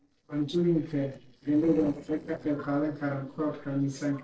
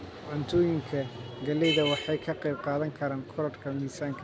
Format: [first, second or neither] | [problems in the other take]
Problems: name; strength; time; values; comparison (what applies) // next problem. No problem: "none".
second | noise reduction (neural separator model SepFormer DNS4)